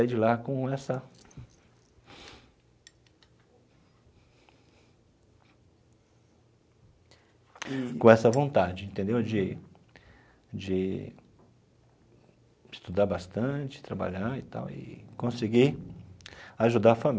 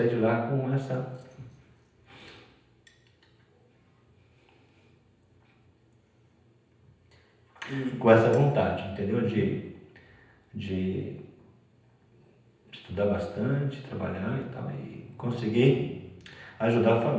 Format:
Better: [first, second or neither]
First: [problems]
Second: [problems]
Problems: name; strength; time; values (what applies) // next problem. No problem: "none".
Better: first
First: none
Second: room echo; dies away in 0.9 s